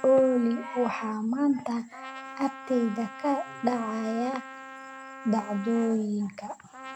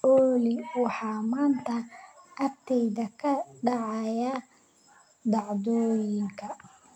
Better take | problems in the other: second | background sound (Trumpet); 15 dB below the speech

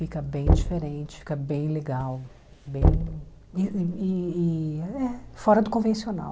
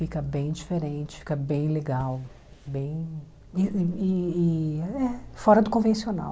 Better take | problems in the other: second | background sound (Knock); 1 dB below the speech

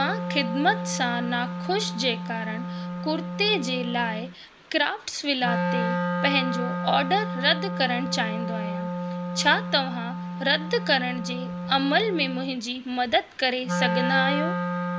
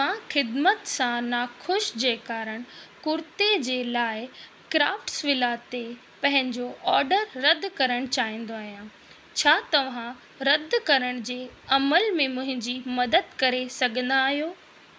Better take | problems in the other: second | background sound (Wind instrument, woodwind instrument); 3 dB below the speech

